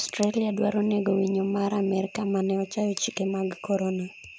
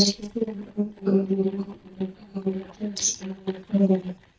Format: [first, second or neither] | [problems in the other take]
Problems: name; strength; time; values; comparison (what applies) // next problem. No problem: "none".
first | noise reduction (neural mask model DeepFilterNet 3)